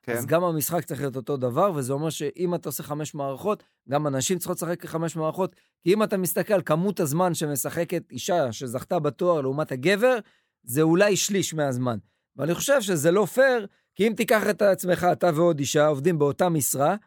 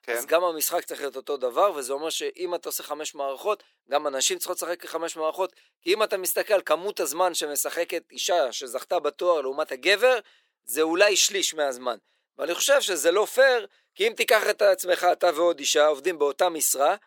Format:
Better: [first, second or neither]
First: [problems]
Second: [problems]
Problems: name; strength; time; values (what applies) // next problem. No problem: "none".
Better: first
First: none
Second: thin; very; fading below 400 Hz